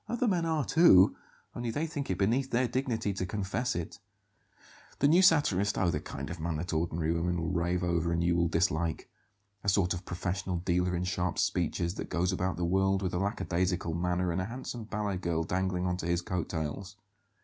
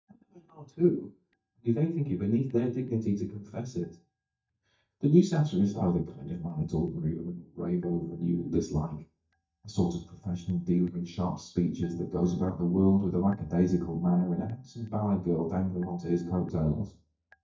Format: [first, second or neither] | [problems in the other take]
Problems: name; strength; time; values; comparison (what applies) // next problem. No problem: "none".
first | noise reduction (neural mask model DeepFilterNet 3)